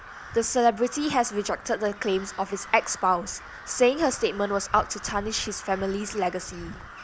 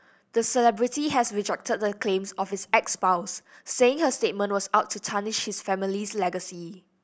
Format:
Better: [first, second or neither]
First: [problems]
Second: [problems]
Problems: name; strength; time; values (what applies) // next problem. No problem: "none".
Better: second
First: background sound (Crow); 15 dB below the speech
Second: none